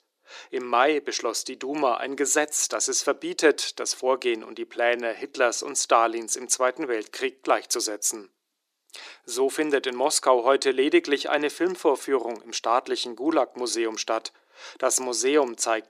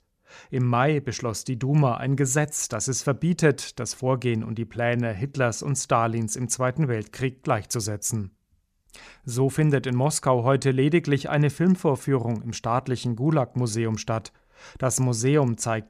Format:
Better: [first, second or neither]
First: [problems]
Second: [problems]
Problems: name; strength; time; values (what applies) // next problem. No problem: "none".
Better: second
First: thin; very; fading below 300 Hz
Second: none